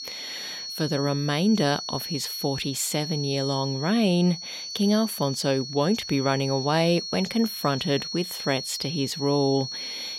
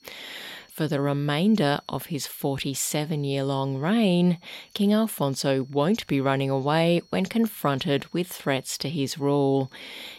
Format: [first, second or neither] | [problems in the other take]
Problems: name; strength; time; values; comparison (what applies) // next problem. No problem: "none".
second | high-pitched whine; loud; throughout; 4.5 kHz, 7 dB below the speech; faint in the second